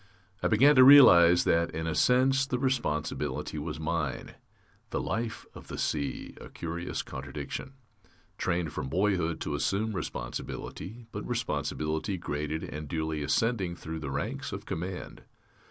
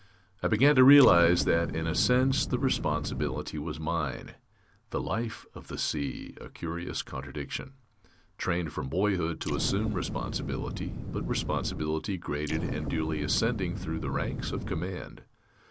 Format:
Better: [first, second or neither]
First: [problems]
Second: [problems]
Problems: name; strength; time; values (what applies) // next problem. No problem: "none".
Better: first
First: none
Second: background sound (Explosion); 5 dB below the speech